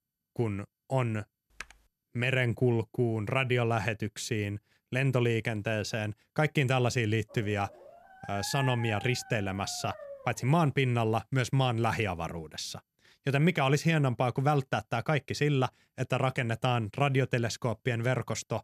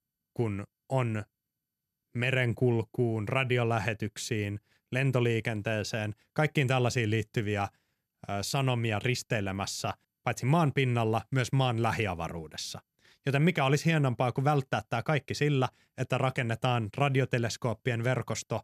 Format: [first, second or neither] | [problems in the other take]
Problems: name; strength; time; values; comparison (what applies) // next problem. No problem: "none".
second | keyboard typing; faint; at 1.5 s; peak 15 dB below the speech // dog barking; noticeable; from 7.5 to 10 s; peak 9 dB below the speech